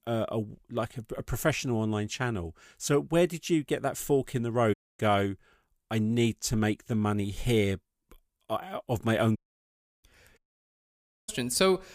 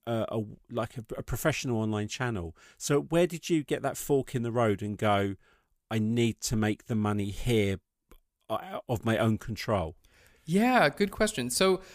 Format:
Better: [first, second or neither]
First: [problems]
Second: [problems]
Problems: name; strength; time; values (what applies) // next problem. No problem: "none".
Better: second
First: audio cutting out; at 4.5 s, at 9.5 s for 0.5 s and at 10 s for 1 s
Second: none